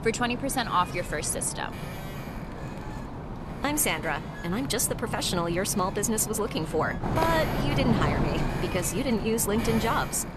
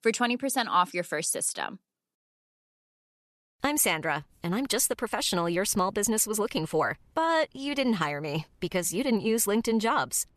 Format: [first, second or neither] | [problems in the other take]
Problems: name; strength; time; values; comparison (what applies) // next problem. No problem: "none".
second | wind noise on the microphone; heavy; 7 dB below the speech